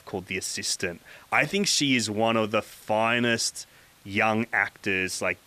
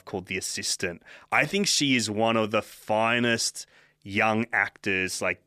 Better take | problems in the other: second | hiss; faint; throughout; 30 dB below the speech

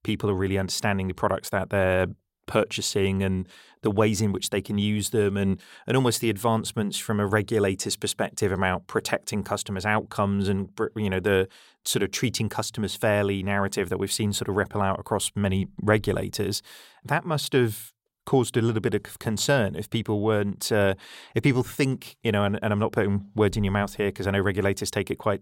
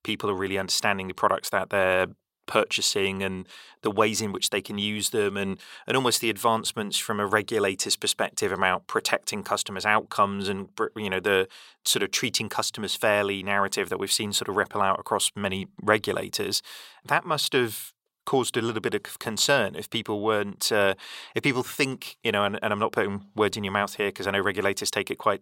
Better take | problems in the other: first | thin; somewhat; fading below 500 Hz

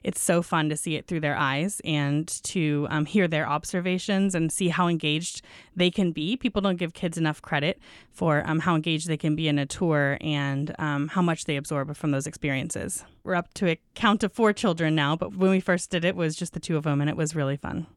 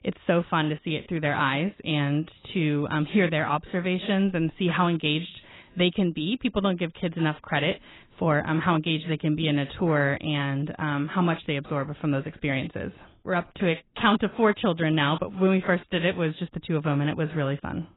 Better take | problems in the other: first | garbled, watery; badly; nothing above 4 kHz

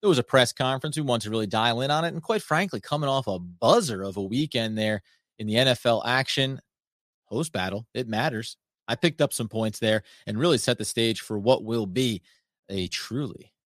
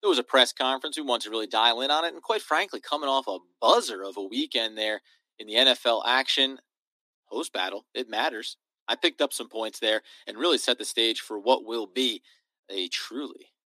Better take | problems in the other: first | thin; somewhat; fading below 250 Hz

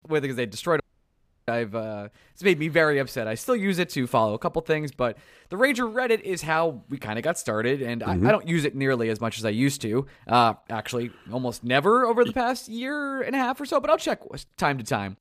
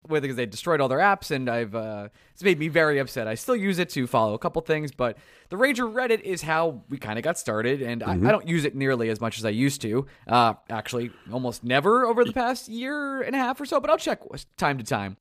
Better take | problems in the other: second | audio cutting out; at 1 s for 0.5 s

